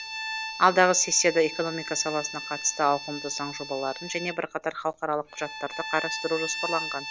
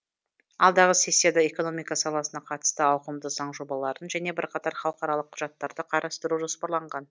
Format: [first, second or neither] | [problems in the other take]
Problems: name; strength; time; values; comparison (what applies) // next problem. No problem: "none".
second | background sound (Bowed string instrument); 9 dB below the speech